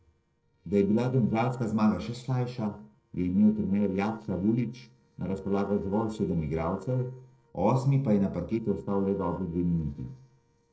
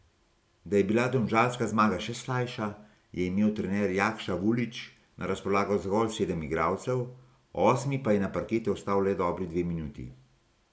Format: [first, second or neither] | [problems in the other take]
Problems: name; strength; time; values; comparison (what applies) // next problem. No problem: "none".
second | noise reduction (neural separator model SepFormer DNS4)